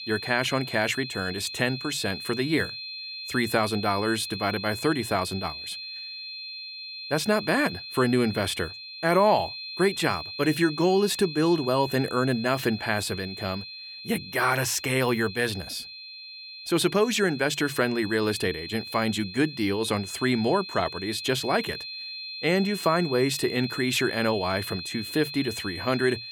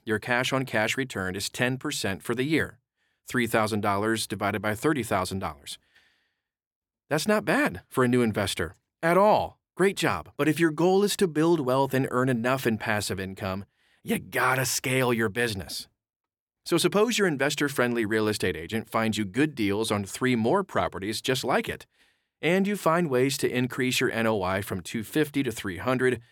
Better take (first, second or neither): second